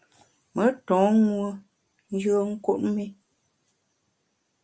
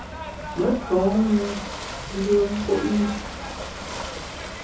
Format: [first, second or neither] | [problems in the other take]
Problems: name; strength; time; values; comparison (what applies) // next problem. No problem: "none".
first | background sound (Ocean / Boat, Water vehicle); 8 dB below the speech // room echo; dies away in 0.5 s